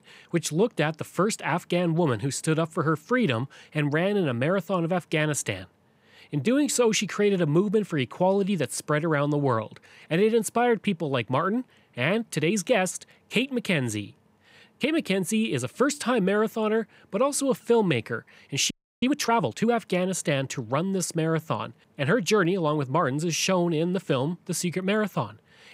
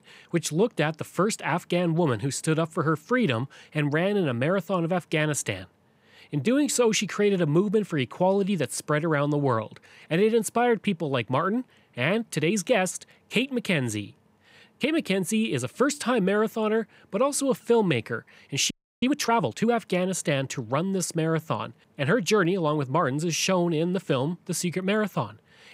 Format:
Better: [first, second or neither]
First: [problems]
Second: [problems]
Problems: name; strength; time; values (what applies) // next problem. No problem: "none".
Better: neither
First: audio freezing; at 19 s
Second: audio freezing; at 19 s